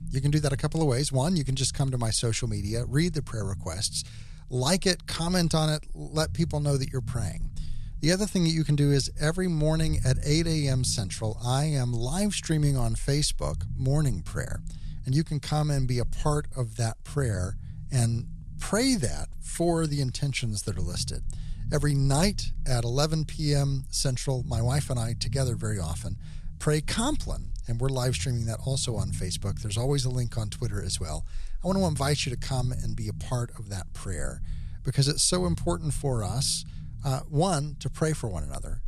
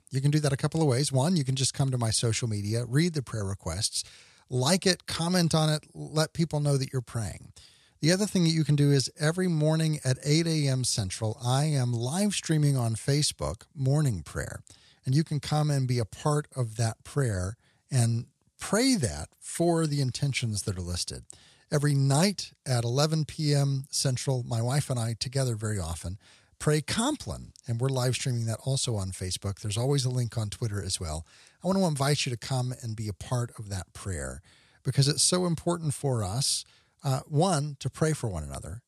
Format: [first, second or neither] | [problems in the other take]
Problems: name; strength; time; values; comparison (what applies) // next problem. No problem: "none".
second | low rumble; faint; throughout; 20 dB below the speech